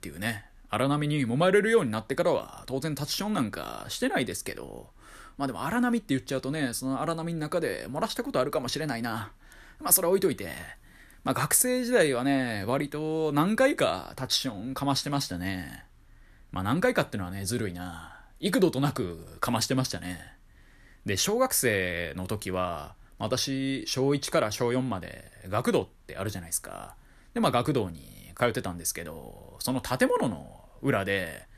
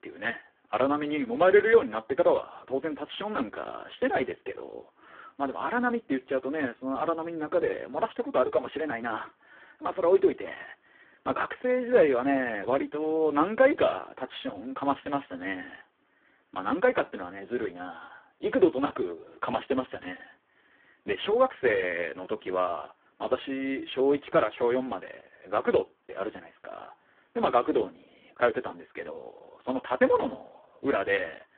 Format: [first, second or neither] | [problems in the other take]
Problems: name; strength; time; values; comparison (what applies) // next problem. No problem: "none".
first | phone-call audio; poor line